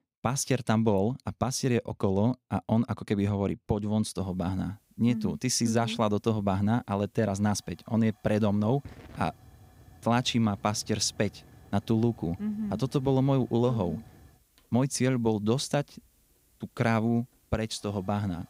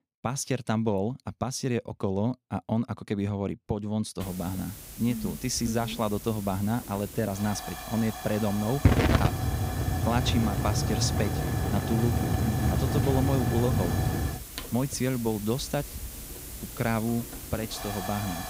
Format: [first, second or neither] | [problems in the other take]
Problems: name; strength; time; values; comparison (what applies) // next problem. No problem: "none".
first | hiss; loud; from 4 s on; as loud as the speech; faint in the first